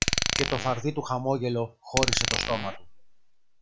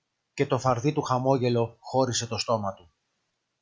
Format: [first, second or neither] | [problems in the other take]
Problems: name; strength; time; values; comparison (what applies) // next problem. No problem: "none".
second | background sound (Glass); as loud as the speech